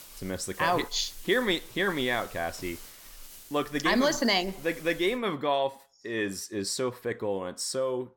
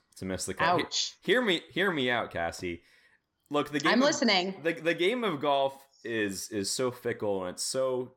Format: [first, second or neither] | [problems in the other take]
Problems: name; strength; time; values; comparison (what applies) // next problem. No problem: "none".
second | hiss; noticeable; until 5 s; 20 dB below the speech